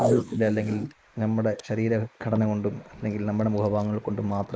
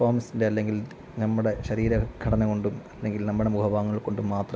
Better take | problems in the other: second | noise reduction (neural mask model Resemble Enhance denoiser)

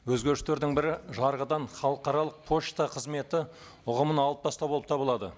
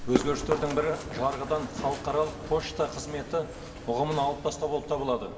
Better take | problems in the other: first | background sound (Run); 8 dB below the speech // room echo; dies away in 1.8 s

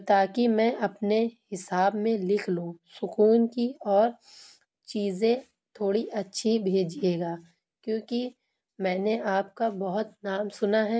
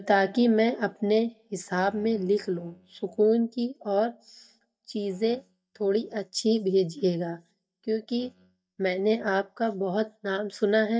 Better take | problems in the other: first | noise reduction (neural mask model DeepFilterNet 3)

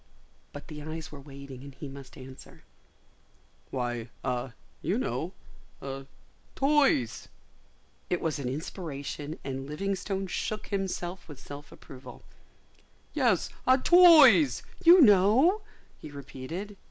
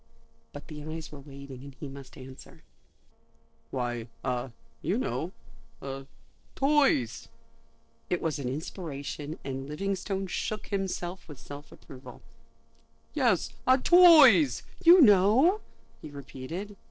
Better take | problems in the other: first | noise reduction (neural separator model SepFormer DNS4)

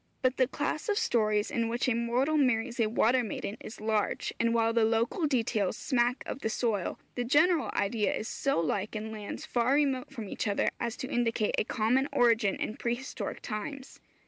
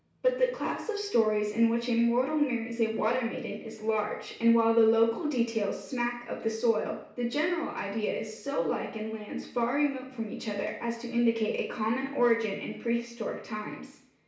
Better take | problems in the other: first | room echo; dies away in 0.6 s

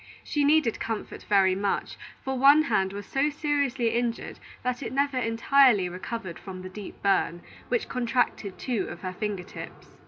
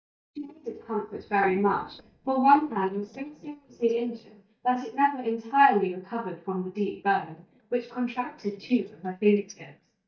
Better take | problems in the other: first | noise reduction (neural mask model DeepFilterNet 3)

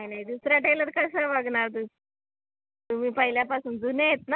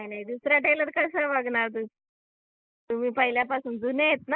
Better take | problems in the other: first | noise reduction (neural mask model Resemble Enhance denoiser)

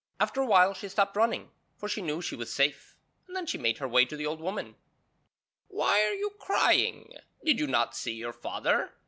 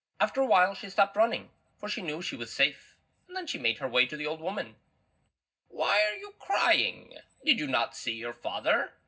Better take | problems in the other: first | room echo; dies away in 0.4 s

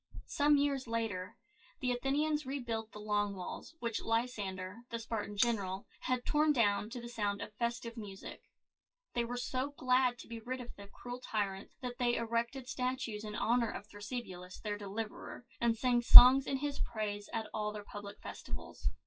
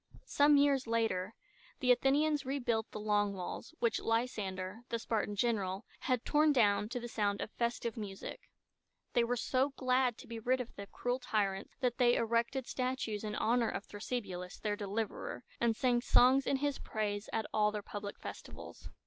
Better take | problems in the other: second | noise reduction (classical method WPE with log-MMSE)

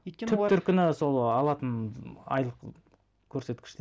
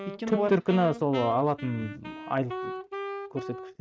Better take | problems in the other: first | noise reduction (neural mask model RNNoise)

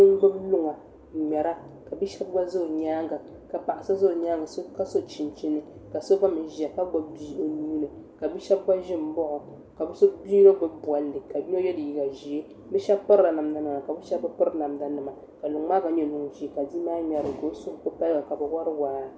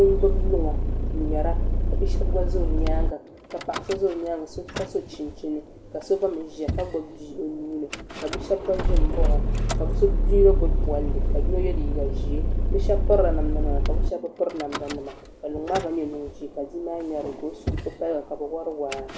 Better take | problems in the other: first | background sound (Idling / Engine starting / Door / Car); 3 dB above the speech

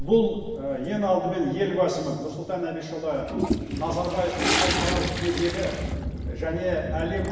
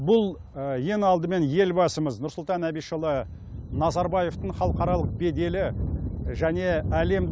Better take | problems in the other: second | background sound (Toilet flush); 6 dB below the speech // room echo; dies away in 1.3 s

